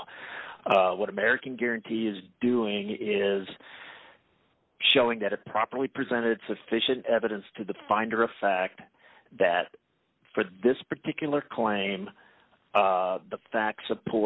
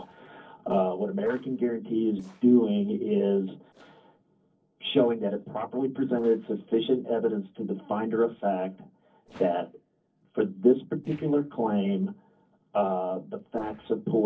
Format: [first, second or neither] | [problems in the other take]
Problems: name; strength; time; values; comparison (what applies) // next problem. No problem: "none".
first | noise reduction (neural separator model SepFormer DNS4)